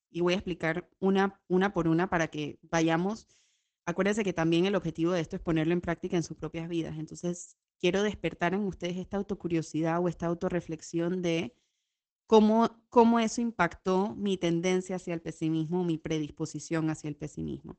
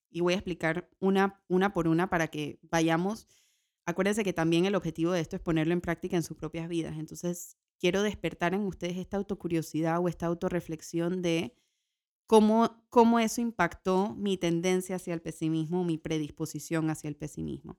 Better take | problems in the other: second | garbled, watery; badly; nothing above 8 kHz

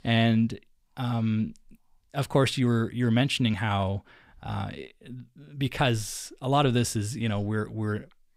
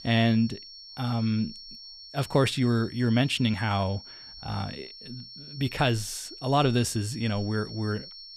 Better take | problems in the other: first | high-pitched whine; noticeable; throughout; 5.5 kHz, 15 dB below the speech

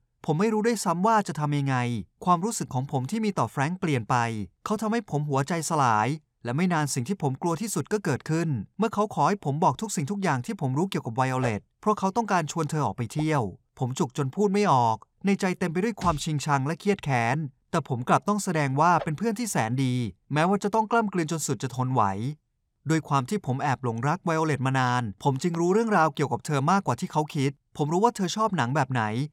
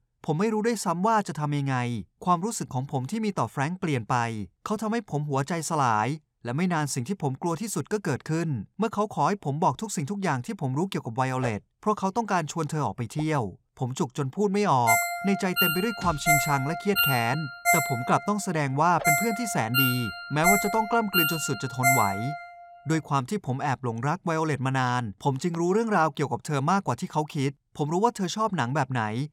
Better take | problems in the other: first | phone ringing; loud; from 15 to 22 s; peak 4 dB above the speech

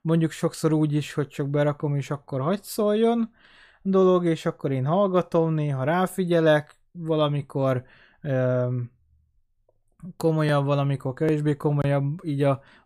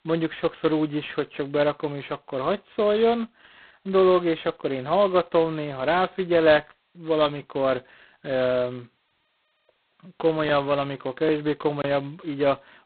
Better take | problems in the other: first | phone-call audio; poor line; nothing above 4 kHz

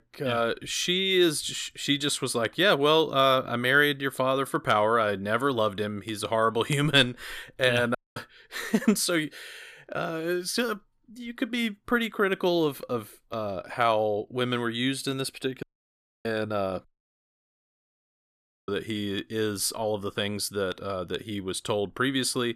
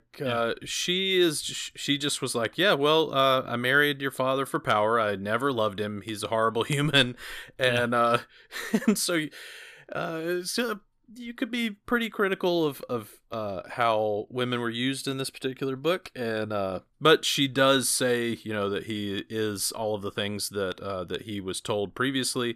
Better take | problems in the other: second | audio cutting out; at 8 s, at 16 s for 0.5 s and at 17 s for 2 s

